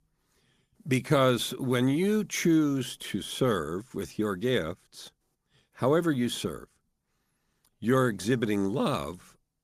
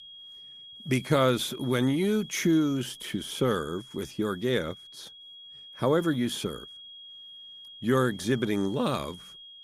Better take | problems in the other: first | high-pitched whine; noticeable; throughout; 3.5 kHz, 15 dB below the speech

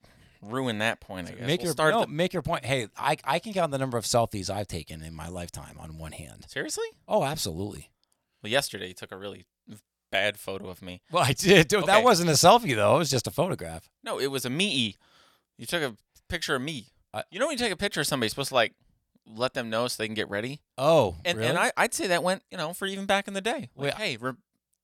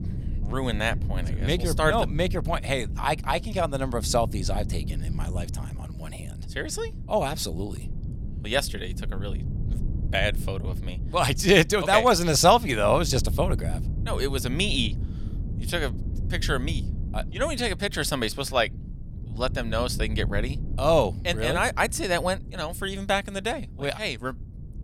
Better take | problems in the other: first | wind noise on the microphone; occasional gusts; 20 dB below the speech

